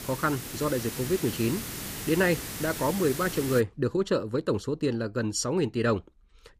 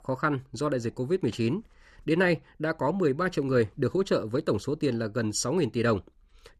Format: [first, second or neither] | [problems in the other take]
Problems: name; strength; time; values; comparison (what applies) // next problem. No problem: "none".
second | hiss; loud; until 3.5 s; 7 dB below the speech